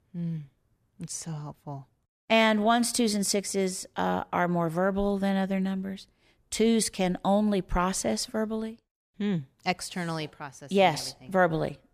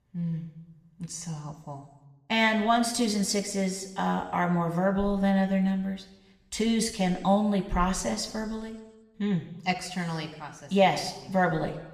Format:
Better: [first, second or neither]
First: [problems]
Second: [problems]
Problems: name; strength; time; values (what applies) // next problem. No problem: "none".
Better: first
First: none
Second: room echo; slight; dies away in 0.9 s